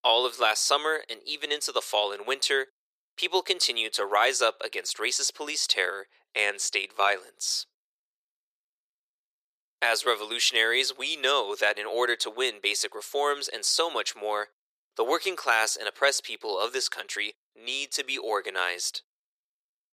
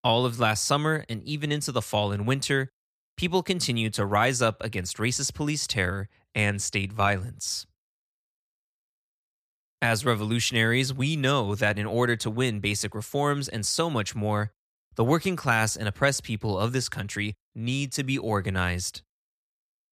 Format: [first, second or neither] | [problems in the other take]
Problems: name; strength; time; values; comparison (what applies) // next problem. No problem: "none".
second | thin; very; fading below 400 Hz